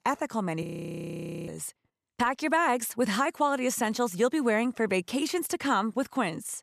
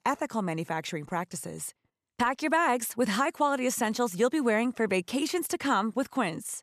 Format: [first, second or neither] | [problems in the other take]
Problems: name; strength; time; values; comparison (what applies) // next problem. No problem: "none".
second | audio freezing; at 0.5 s for 1 s